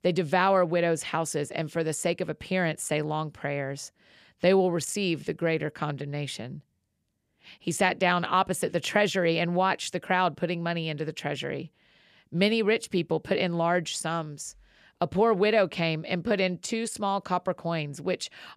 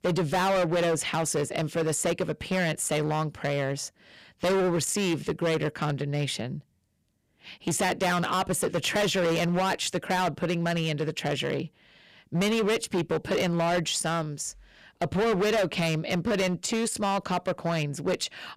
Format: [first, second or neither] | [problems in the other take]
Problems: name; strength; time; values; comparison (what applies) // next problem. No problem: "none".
first | distortion; heavy; 17% of the sound clipped